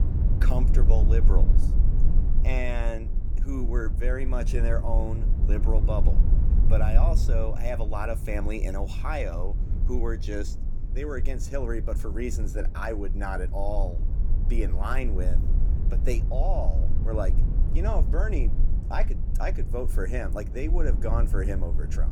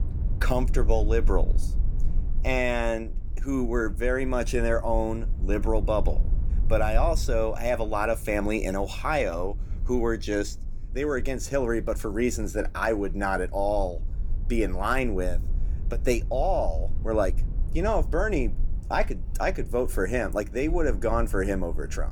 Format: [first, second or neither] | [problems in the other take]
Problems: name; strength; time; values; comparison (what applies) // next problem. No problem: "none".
second | low rumble; loud; throughout; 10 dB below the speech; faint in the second